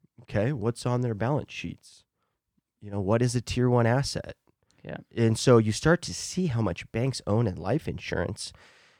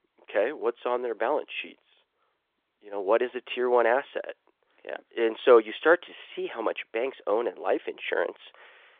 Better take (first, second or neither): first